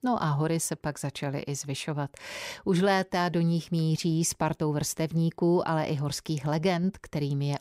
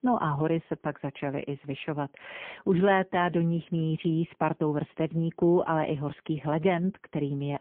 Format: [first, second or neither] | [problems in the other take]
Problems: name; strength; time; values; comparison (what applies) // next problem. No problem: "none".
first | phone-call audio; poor line; nothing above 3 kHz